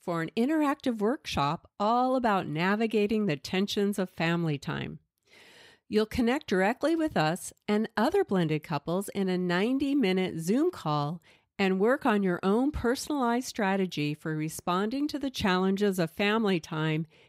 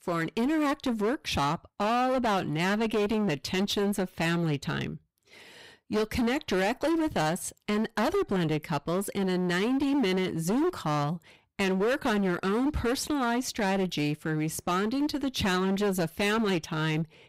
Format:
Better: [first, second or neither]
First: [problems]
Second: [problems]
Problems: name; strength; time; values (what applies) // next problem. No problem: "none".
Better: first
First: none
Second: distortion; heavy; 20% of the sound clipped